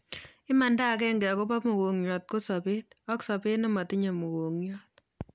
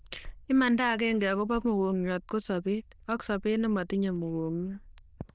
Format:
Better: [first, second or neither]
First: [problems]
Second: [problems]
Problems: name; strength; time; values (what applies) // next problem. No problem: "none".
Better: first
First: none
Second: noise reduction (neural diffusion model UNIVERSE++)